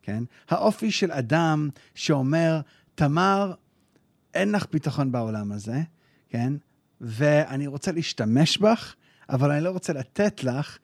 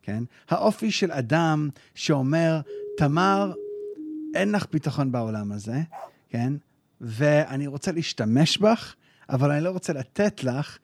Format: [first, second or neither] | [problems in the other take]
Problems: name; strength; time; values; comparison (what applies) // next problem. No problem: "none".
first | siren; faint; from 2.5 to 4.5 s; peak 10 dB below the speech // dog barking; faint; at 6 s; peak 20 dB below the speech